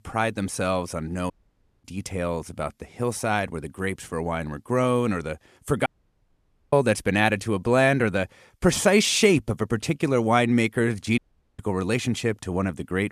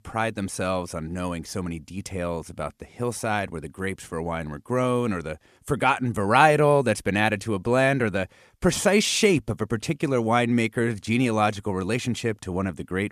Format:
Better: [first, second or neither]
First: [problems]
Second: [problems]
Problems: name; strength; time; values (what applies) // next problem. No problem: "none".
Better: second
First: audio cutting out; at 1.5 s for 0.5 s, at 6 s for 1 s and at 11 s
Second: none